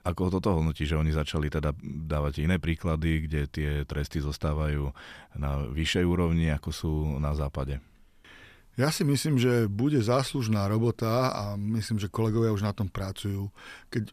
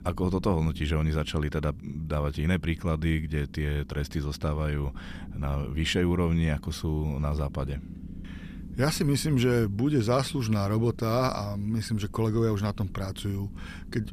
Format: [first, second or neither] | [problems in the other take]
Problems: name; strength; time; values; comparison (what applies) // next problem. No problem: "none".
first | low rumble; faint; throughout; 20 dB below the speech